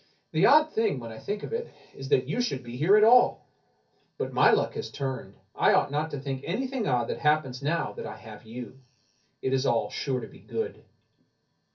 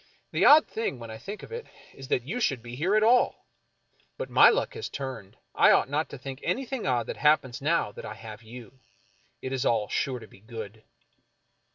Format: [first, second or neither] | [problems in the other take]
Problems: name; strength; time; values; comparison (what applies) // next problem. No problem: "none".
second | room echo; dies away in 0.3 s